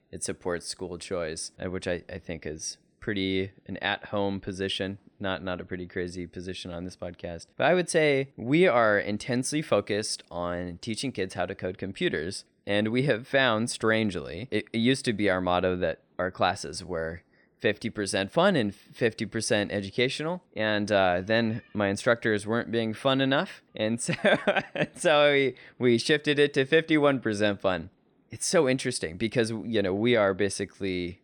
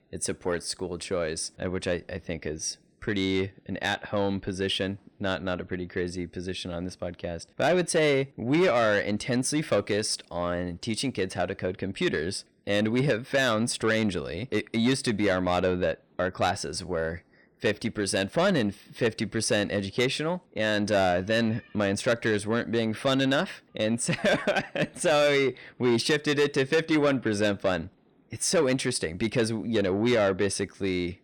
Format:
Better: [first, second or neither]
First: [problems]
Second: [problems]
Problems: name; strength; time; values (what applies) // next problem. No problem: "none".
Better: first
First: none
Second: distortion; slight; 10 dB below the speech